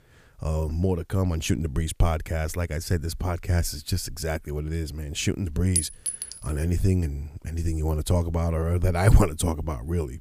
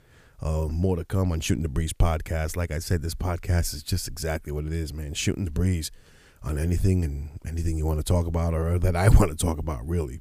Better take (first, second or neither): second